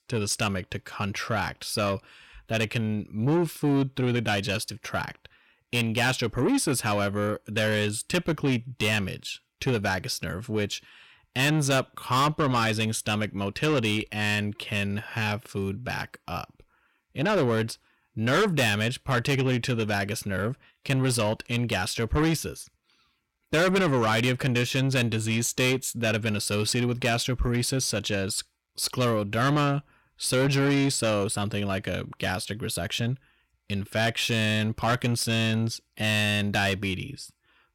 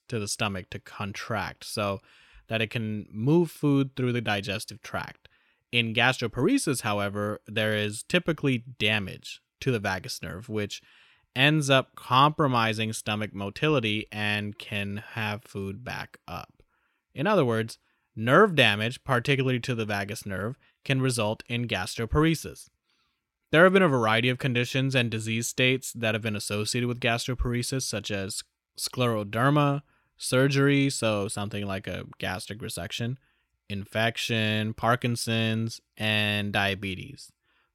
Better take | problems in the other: second | distortion; heavy; 7 dB below the speech

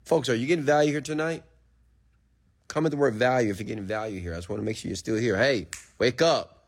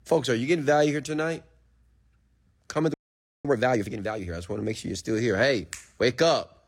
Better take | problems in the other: first | audio freezing; at 3 s for 0.5 s

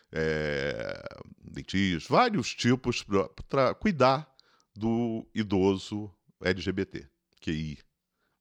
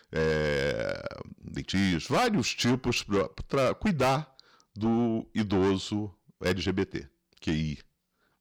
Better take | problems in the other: first | distortion; heavy; 7 dB below the speech

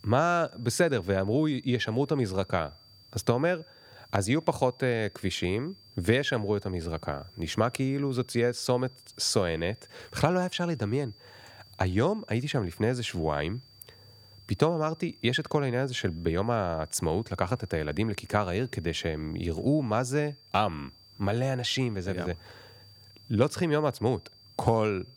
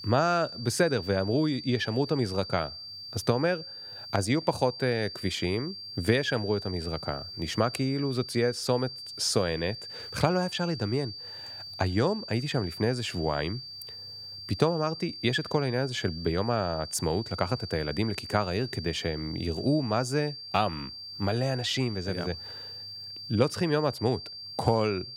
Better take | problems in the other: first | high-pitched whine; loud; throughout; 4.5 kHz, 10 dB below the speech; faint in the first

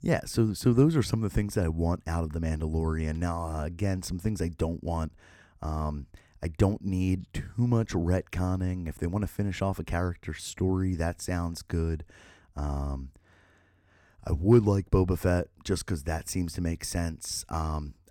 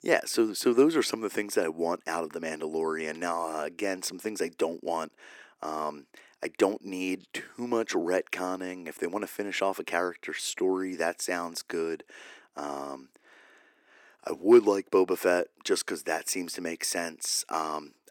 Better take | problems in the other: first | thin; somewhat; fading below 350 Hz

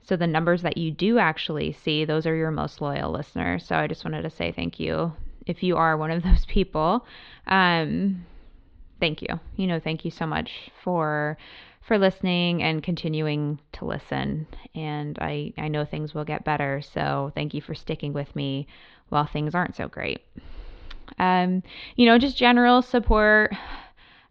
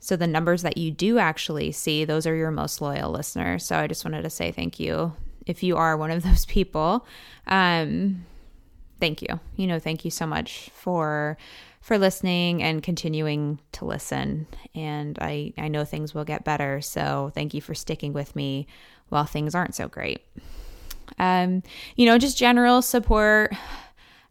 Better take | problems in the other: second | muffled; very slightly; fading above 4 kHz

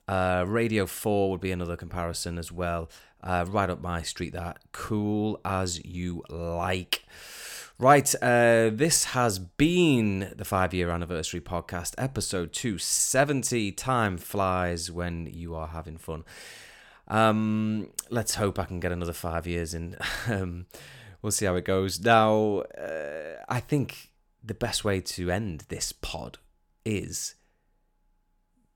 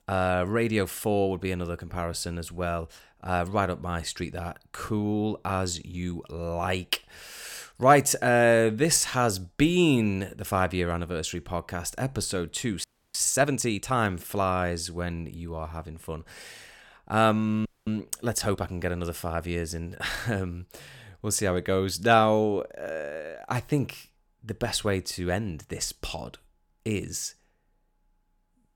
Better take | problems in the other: first | audio freezing; at 13 s and at 18 s

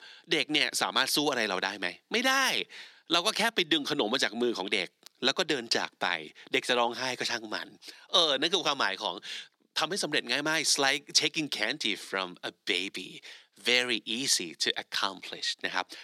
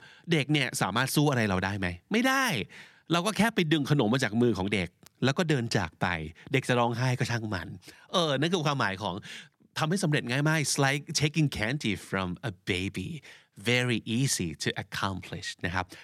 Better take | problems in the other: second | thin; somewhat; fading below 300 Hz

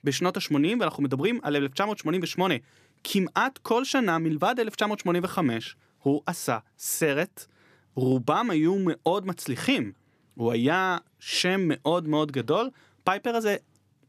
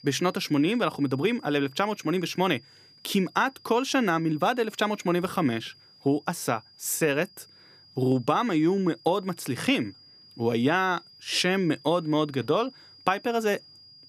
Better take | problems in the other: first | high-pitched whine; faint; throughout; 5 kHz, 25 dB below the speech

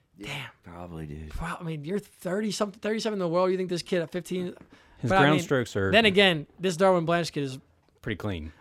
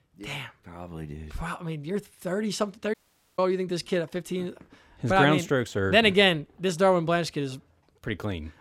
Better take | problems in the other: first | audio cutting out; at 3 s

